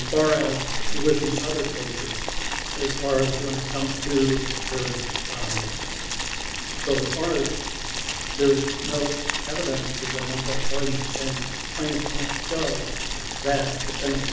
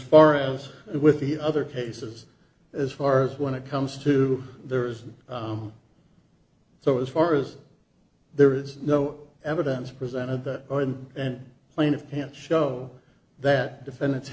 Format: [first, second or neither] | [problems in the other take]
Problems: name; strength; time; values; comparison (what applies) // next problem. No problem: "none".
second | background sound (Boiling); as loud as the speech // room echo; dies away in 0.8 s